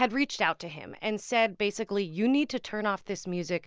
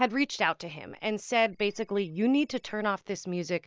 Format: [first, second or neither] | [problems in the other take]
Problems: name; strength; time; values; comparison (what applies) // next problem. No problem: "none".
first | noise reduction (neural mask model DeepFilterNet 3)